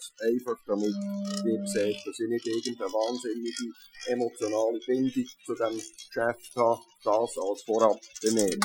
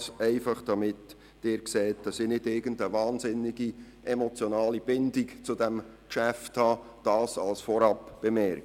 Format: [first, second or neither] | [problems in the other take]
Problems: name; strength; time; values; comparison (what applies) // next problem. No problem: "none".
second | noise reduction (classical method Wiener filter)